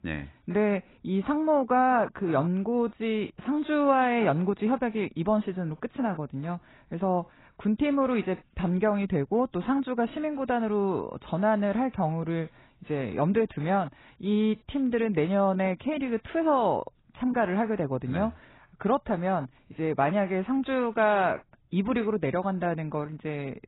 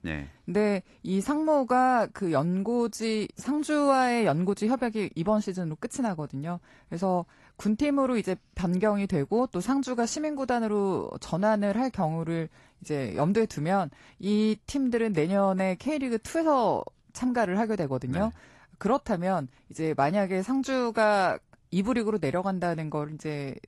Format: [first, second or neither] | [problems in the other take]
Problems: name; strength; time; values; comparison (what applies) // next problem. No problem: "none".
second | garbled, watery; badly; nothing above 4 kHz; slightly in the second